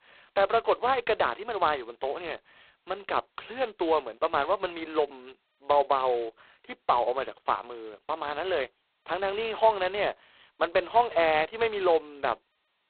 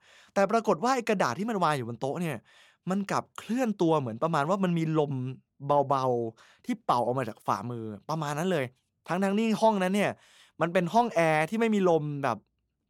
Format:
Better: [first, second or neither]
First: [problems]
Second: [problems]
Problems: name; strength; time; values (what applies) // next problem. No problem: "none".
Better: second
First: phone-call audio; poor line; nothing above 4 kHz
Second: none